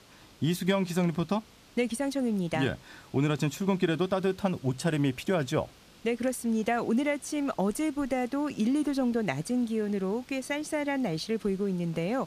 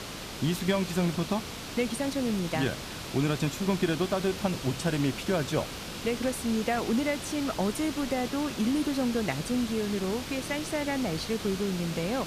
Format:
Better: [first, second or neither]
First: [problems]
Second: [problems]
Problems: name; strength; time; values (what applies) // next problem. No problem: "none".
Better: first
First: hiss; faint; throughout; 25 dB below the speech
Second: hiss; loud; throughout; 7 dB below the speech